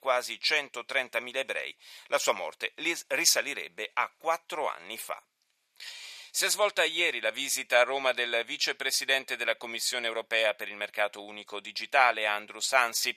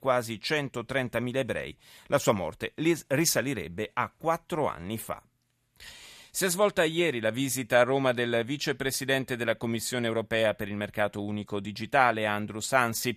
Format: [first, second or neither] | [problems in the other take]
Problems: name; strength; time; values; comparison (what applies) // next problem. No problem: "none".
second | thin; very; fading below 650 Hz